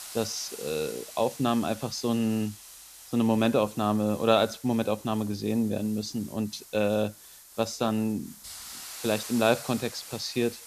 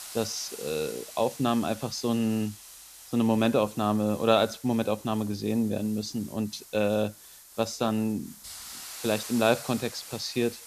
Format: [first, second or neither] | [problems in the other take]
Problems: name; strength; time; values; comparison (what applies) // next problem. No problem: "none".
neither | hiss; noticeable; throughout; 15 dB below the speech; the same in both